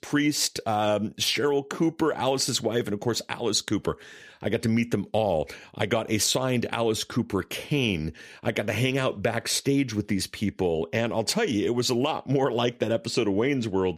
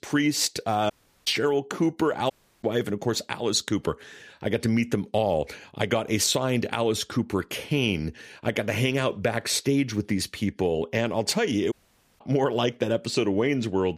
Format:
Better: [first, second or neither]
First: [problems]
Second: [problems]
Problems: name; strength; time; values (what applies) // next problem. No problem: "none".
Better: first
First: none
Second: audio cutting out; at 1 s, at 2.5 s and at 12 s